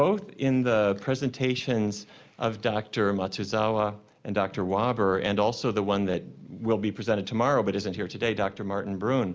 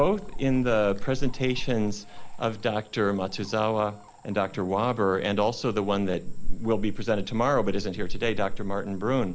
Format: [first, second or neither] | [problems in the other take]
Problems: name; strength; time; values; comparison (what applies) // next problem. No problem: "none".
first | background sound (Cricket / Frog); 3 dB below the speech